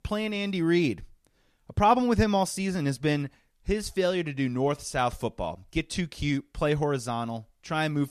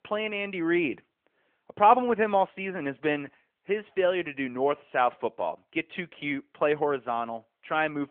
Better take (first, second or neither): first